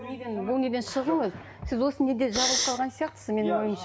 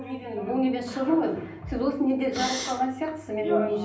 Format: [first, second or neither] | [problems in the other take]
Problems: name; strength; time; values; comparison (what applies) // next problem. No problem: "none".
first | room echo; dies away in 0.6 s